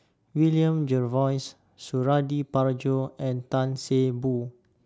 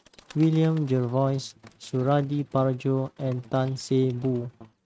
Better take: first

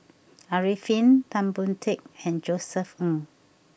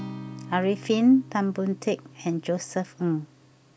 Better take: first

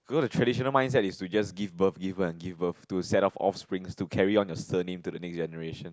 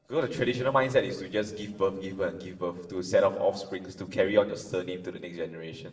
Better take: first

